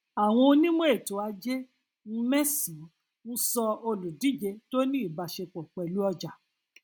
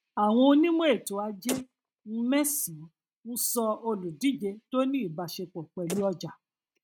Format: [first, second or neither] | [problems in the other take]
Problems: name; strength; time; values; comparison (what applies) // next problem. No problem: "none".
first | noise reduction (neural mask model RNNoise)